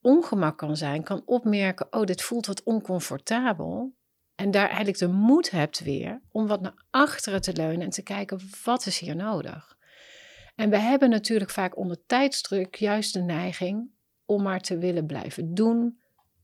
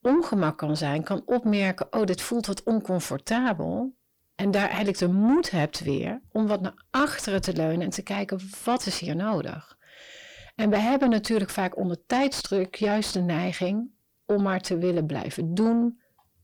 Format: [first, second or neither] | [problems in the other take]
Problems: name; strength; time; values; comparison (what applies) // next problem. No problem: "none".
first | distortion; slight; 10 dB below the speech